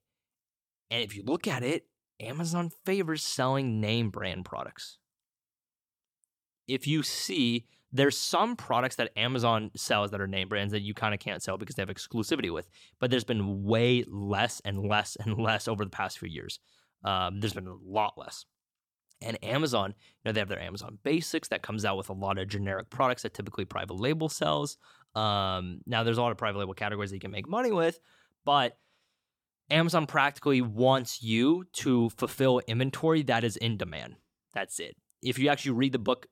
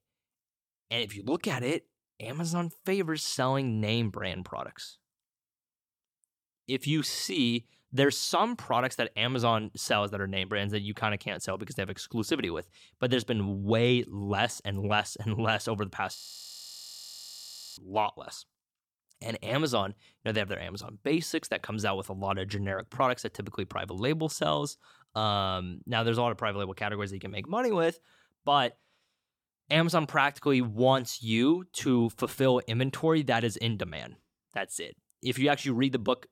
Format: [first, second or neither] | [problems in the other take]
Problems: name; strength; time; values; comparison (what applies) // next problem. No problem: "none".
first | audio freezing; at 16 s for 1.5 s